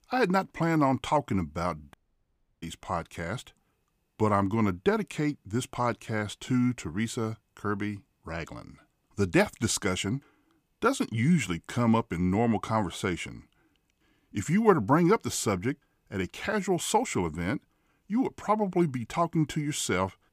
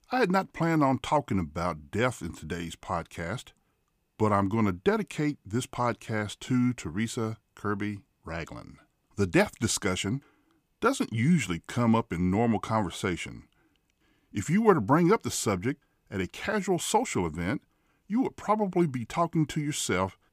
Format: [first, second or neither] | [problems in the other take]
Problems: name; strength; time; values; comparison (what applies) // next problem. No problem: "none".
second | audio cutting out; at 2 s for 0.5 s